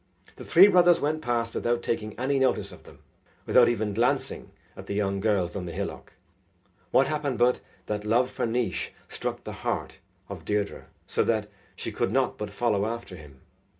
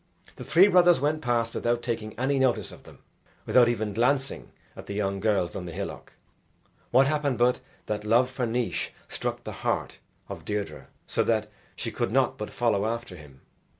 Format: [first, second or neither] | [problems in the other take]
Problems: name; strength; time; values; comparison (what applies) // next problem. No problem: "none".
second | room echo; dies away in 0.3 s